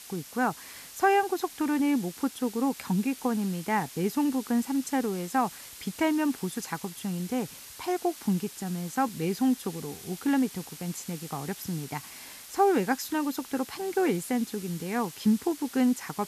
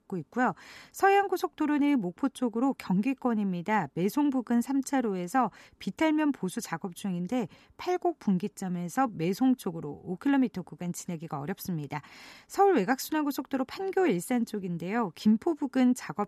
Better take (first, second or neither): second